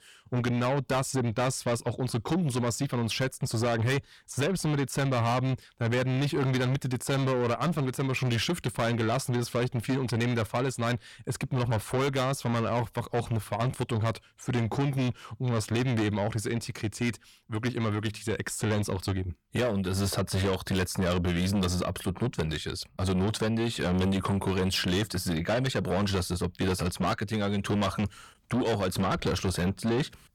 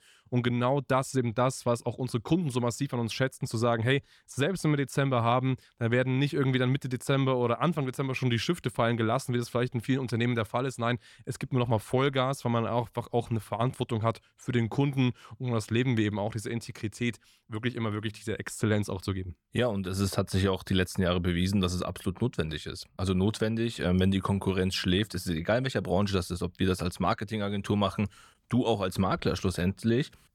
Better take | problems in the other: second | distortion; heavy; 8 dB below the speech

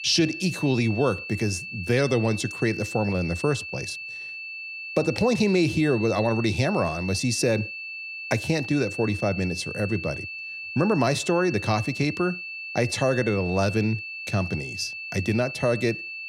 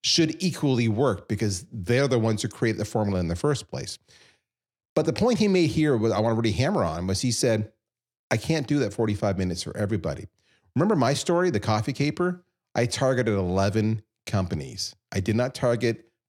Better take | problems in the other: second | high-pitched whine; loud; throughout; 2.5 kHz, 8 dB below the speech

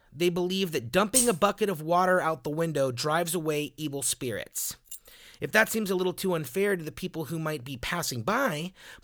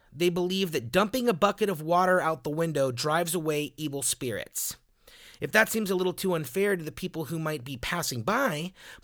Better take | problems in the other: second | jangling keys; loud; at 1 s; peak 3 dB above the speech // jangling keys; faint; at 5 s; peak 15 dB below the speech

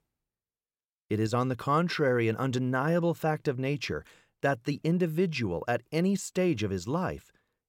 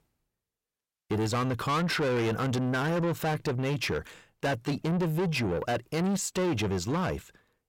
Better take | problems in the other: first | distortion; heavy; 7 dB below the speech

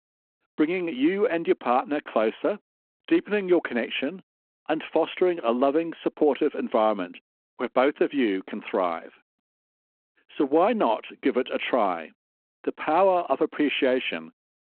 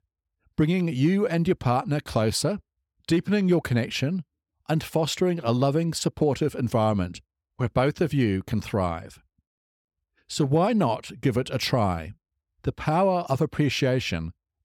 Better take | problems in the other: second | phone-call audio

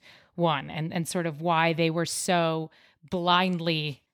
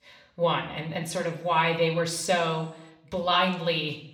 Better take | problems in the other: first | room echo; slight; dies away in 0.6 s // off-mic speech; somewhat distant

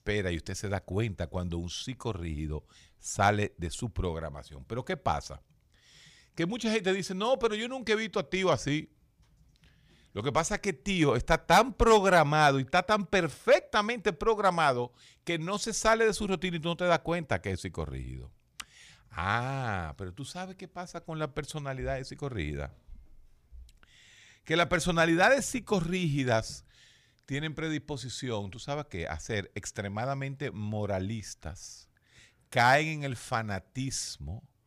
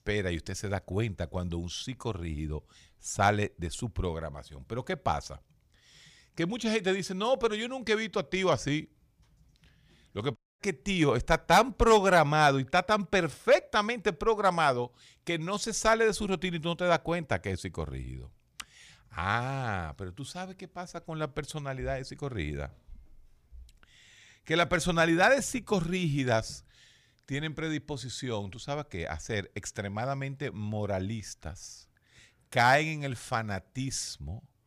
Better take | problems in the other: first | audio cutting out; at 10 s

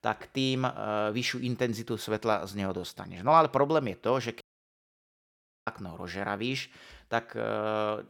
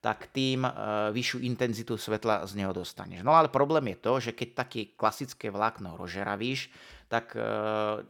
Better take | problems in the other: second | audio cutting out; at 4.5 s for 1.5 s

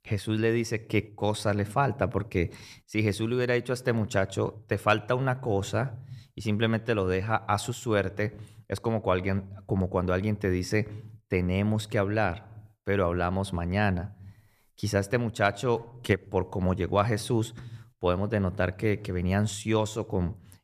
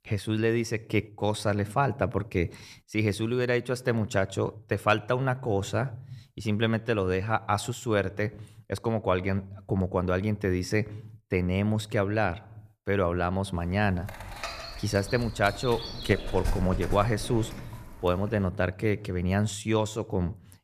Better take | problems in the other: first | dog barking; noticeable; from 14 to 18 s; peak 5 dB below the speech

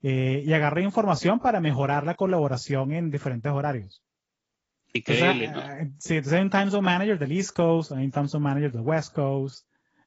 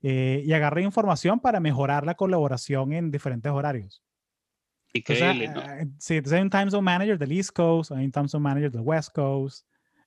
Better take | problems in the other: second | garbled, watery; badly; nothing above 7.5 kHz

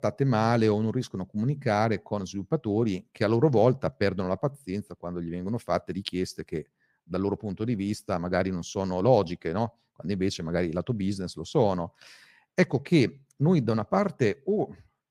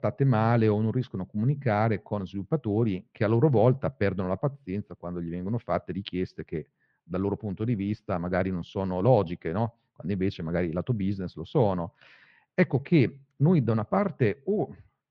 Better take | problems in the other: first | muffled; slightly; fading above 3.5 kHz

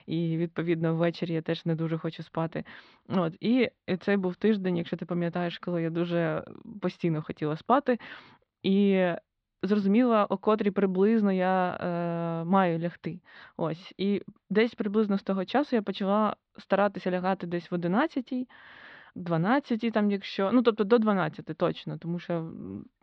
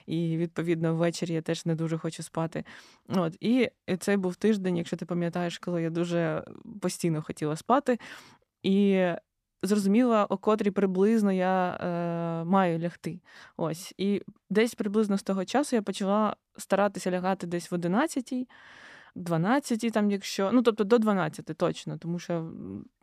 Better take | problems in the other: second | muffled; slightly; fading above 4 kHz

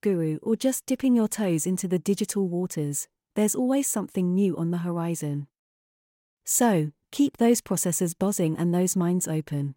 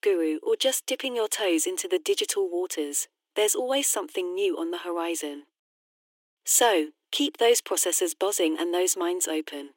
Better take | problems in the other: first | thin; very; fading below 300 Hz

